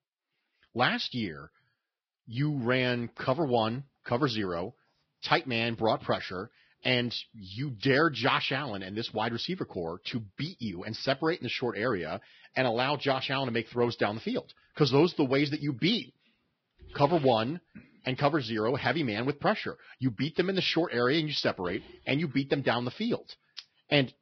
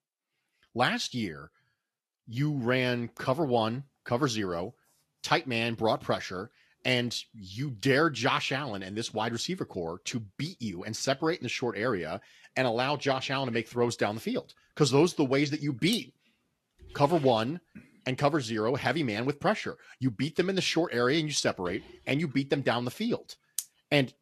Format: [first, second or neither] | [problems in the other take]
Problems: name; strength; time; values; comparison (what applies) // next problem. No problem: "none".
second | garbled, watery; badly; nothing above 5.5 kHz; slightly in the second